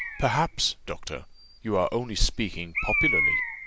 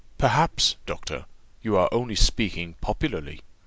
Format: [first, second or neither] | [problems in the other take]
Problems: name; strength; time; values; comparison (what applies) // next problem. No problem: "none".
second | background sound (Bird); 2 dB below the speech